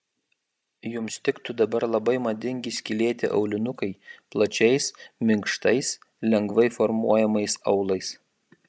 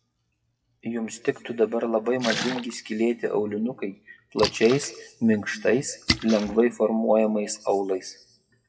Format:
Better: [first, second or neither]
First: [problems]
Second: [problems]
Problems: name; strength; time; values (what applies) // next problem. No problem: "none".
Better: first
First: none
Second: noise reduction (classical method WPE with log-MMSE)